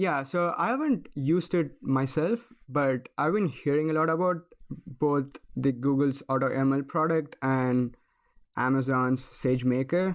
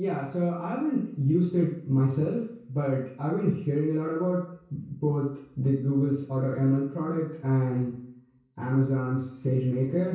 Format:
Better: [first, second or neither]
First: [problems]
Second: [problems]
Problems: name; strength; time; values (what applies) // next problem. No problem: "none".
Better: first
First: none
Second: room echo; dies away in 0.6 s